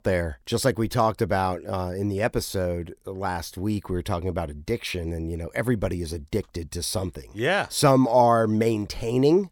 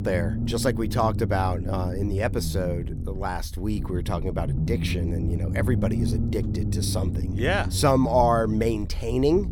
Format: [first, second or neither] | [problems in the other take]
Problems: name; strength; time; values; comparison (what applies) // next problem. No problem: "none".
first | low rumble; noticeable; throughout; 10 dB below the speech